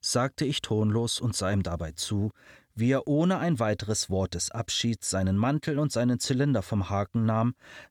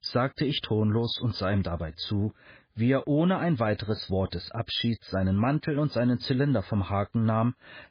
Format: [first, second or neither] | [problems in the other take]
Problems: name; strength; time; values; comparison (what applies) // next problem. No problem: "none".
first | garbled, watery; badly; nothing above 5 kHz